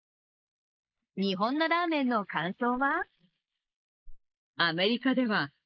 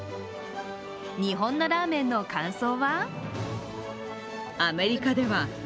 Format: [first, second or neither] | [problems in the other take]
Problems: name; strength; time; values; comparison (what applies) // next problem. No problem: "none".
second | noise reduction (neural mask model Resemble Enhance denoiser)